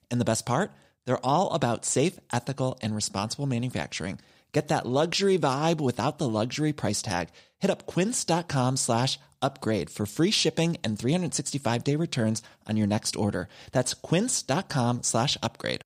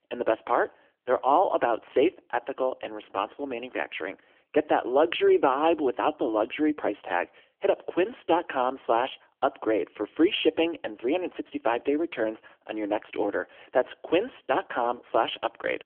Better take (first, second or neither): first